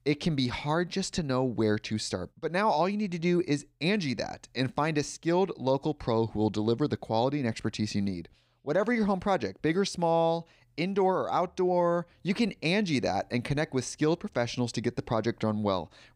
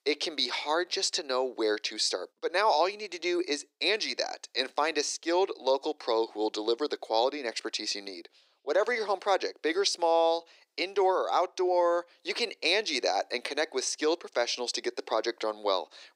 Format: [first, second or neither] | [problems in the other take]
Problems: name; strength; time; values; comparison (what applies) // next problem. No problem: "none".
first | thin; very; fading below 350 Hz